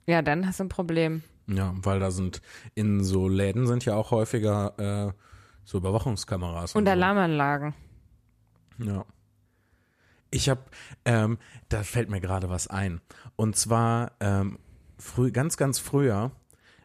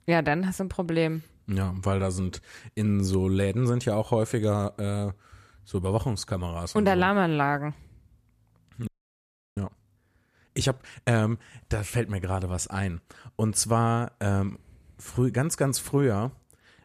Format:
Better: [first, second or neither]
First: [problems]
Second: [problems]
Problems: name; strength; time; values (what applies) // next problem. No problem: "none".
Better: first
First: none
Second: audio freezing; at 9 s for 0.5 s